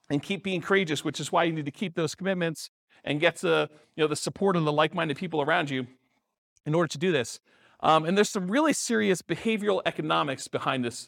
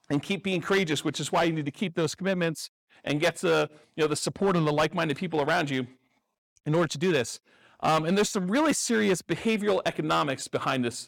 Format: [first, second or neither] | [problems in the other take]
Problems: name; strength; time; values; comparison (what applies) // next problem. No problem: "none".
first | distortion; slight; 5% of the sound clipped